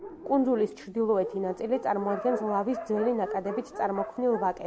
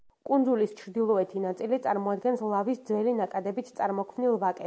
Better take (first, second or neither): second